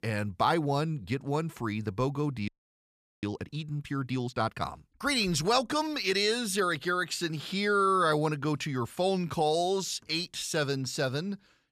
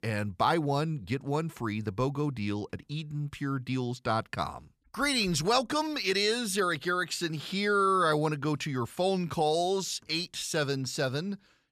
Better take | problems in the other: second | audio freezing; at 2.5 s for 1 s

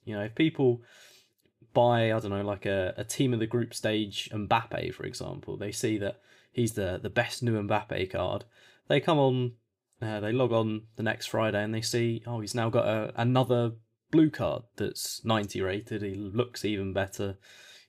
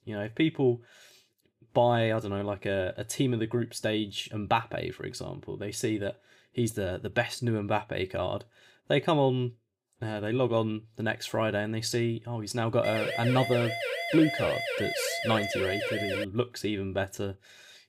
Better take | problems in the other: first | siren; noticeable; from 13 to 16 s; peak 1 dB below the speech

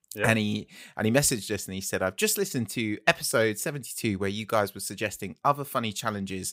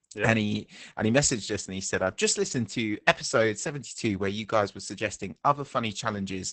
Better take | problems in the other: first | garbled, watery; badly; nothing above 8 kHz

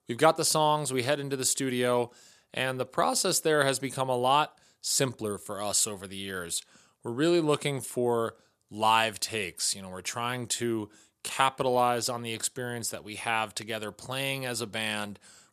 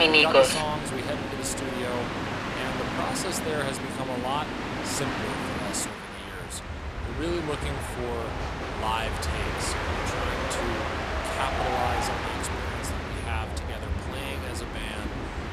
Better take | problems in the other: first | train or aircraft noise; very loud; throughout; 5 dB above the speech

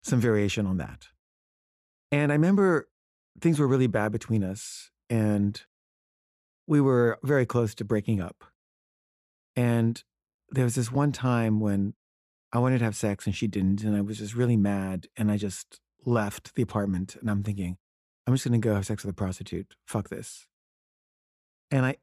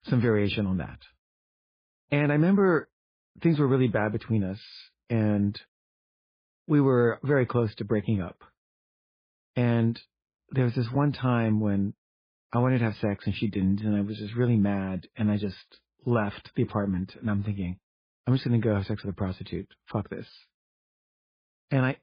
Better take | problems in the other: first | garbled, watery; badly; nothing above 11.5 kHz

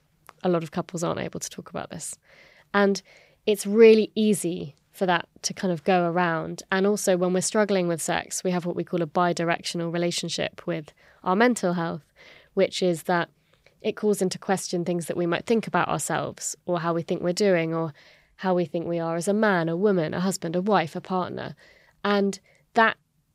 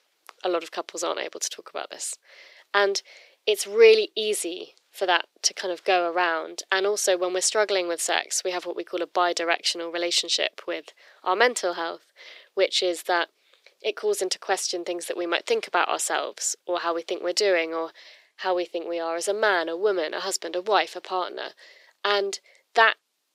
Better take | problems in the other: first | thin; very; fading below 350 Hz

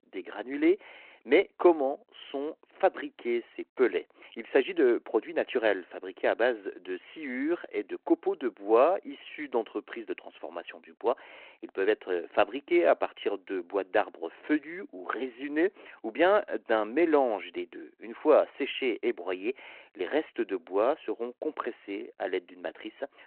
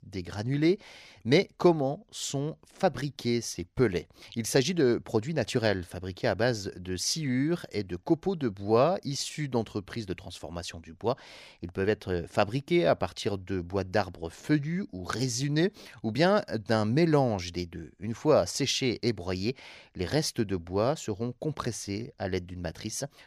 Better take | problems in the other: second | phone-call audio

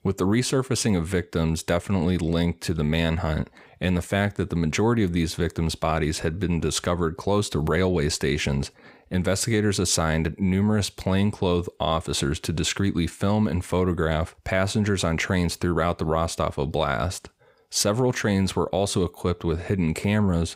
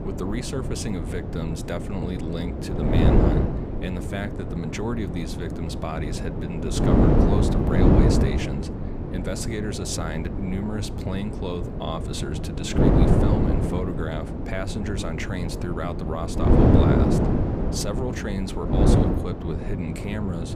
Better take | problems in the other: first | wind noise on the microphone; heavy; 3 dB above the speech

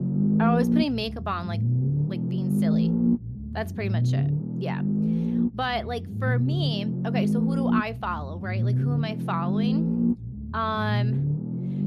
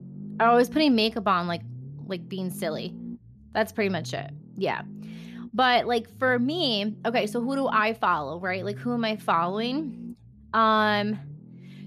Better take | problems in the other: second | low rumble; loud; throughout; 3 dB below the speech; faint in the second

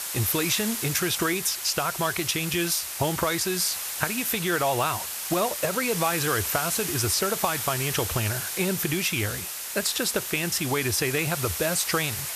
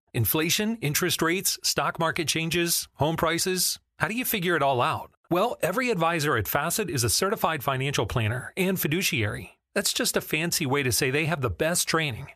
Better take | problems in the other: second | hiss; loud; throughout; 3 dB below the speech

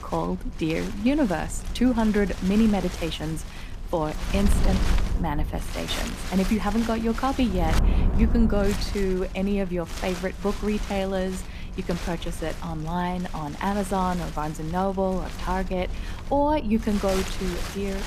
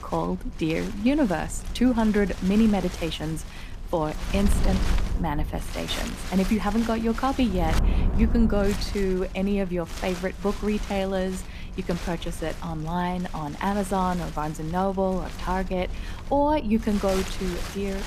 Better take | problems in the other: second | wind noise on the microphone; heavy; 9 dB below the speech; occasional gusts in the second

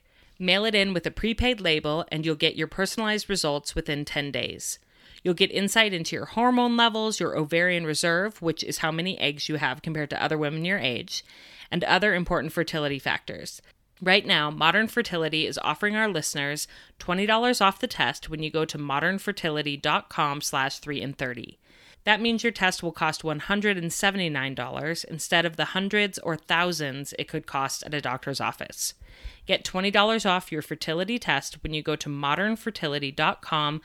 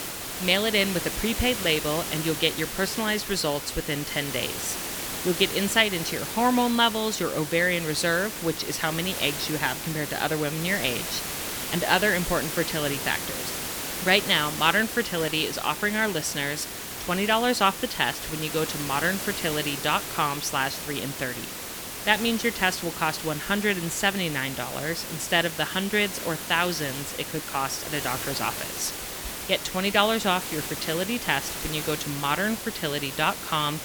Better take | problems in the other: first | hiss; loud; throughout; 6 dB below the speech

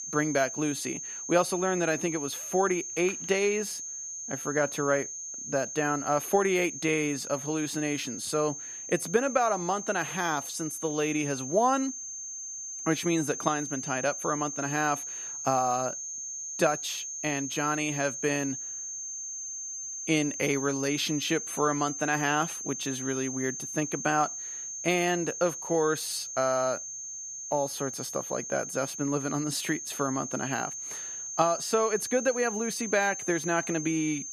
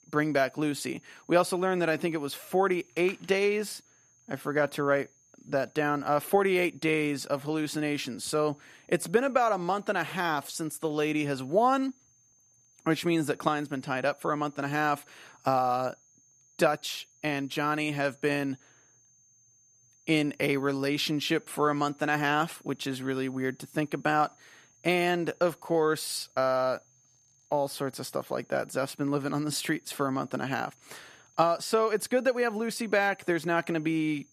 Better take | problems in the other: second | high-pitched whine; loud; throughout; 6.5 kHz, 6 dB below the speech; faint in the second

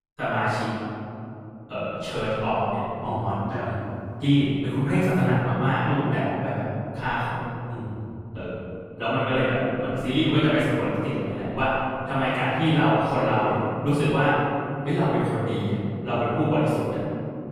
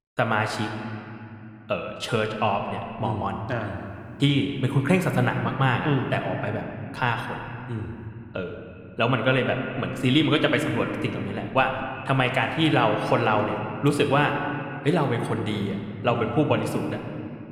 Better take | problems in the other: second | room echo; strong; dies away in 2.9 s; slight in the second // off-mic speech; far

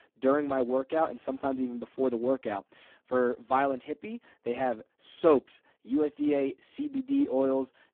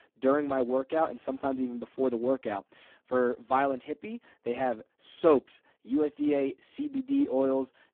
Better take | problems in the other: neither | phone-call audio; poor line; the same in both

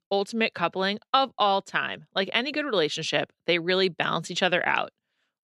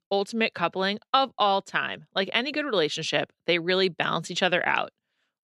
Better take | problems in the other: neither | none

